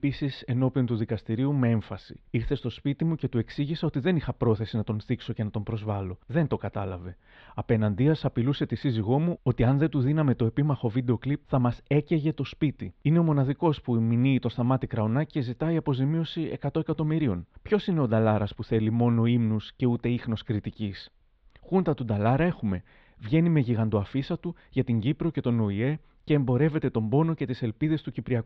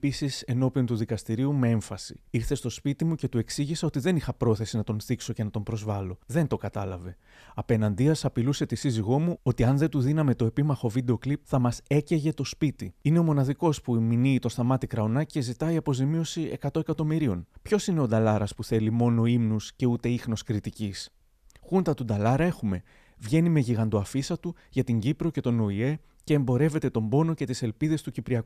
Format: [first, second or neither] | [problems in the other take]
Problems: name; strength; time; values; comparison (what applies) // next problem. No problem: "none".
second | muffled; slightly; fading above 3.5 kHz